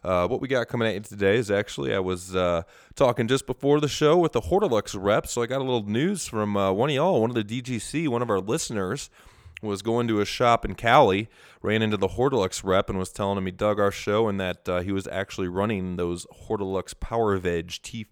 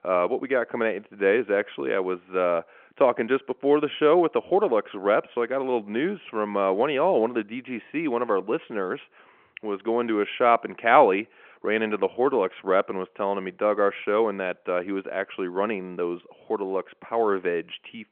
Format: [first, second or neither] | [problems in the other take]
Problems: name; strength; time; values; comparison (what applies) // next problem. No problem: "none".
first | phone-call audio